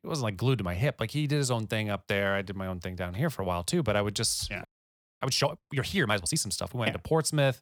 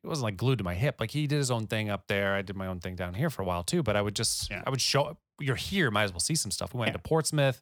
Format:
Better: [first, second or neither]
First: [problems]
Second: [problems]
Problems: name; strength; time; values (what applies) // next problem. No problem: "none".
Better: second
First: audio freezing; at 4.5 s for 0.5 s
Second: none